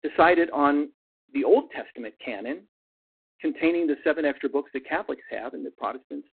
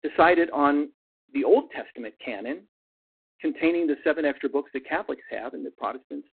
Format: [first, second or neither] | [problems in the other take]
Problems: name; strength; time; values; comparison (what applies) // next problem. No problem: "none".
neither | phone-call audio; poor line; nothing above 4 kHz; the same in both